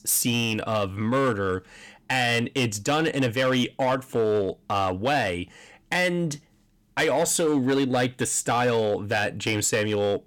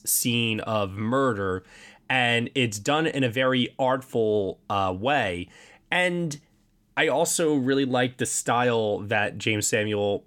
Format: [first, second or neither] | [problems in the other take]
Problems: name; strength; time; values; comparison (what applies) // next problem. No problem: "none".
second | distortion; slight; 7% of the sound clipped